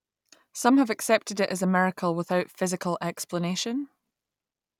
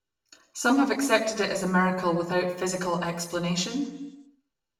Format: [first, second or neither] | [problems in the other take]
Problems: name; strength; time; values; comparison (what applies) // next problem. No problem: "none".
first | room echo; dies away in 0.8 s